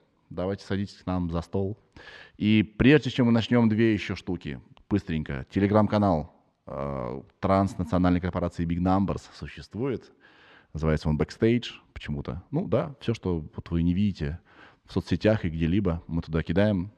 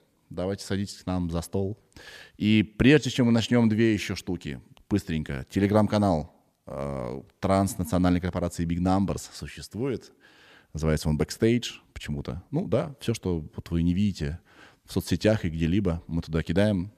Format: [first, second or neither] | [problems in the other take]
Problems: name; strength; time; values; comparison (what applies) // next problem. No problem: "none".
second | muffled; very slightly; fading above 3.5 kHz